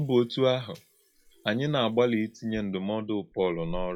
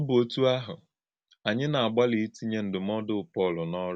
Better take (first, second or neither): second